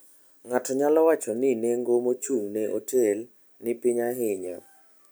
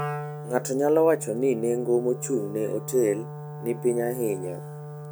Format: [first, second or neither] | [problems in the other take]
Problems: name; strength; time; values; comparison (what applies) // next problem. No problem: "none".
first | background sound (Wind instrument, woodwind instrument); 10 dB below the speech